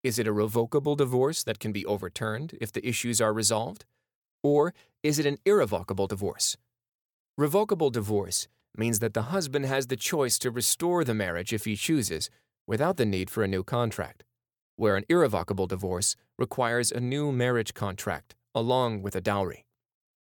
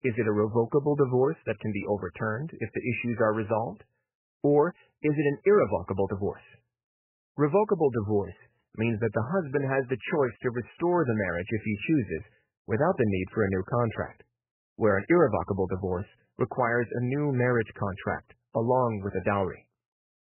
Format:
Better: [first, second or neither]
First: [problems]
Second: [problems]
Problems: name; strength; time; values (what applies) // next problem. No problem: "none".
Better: first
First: none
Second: garbled, watery; badly; nothing above 3 kHz